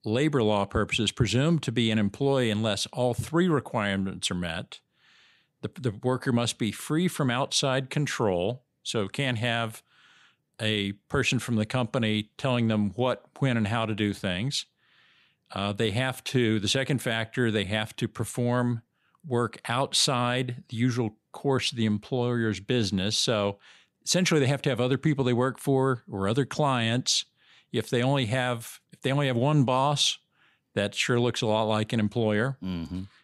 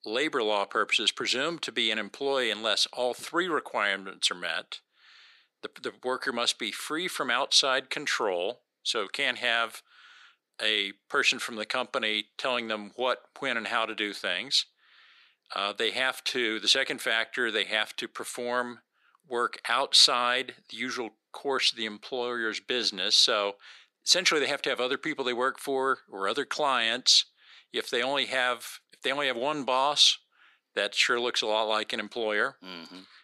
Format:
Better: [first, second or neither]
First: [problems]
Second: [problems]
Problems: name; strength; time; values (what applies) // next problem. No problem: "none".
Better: first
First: none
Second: thin; very; fading below 350 Hz